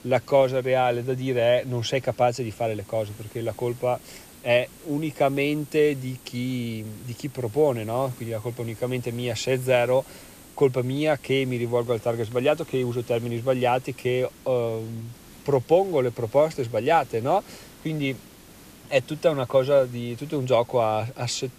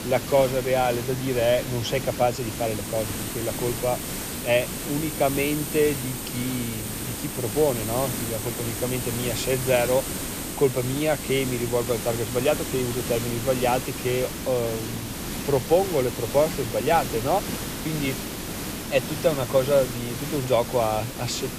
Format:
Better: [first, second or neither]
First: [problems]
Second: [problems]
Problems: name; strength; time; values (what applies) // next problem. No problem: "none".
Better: first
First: hiss; faint; throughout; 20 dB below the speech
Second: hiss; loud; throughout; 5 dB below the speech